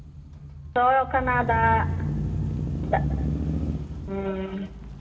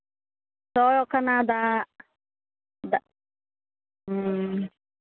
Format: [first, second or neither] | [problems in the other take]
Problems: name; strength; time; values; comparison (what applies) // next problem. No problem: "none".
second | background sound (Engine starting / Accelerating, revving, vroom / Motor vehicle (road)); 2 dB below the speech // room echo; dies away in 2.1 s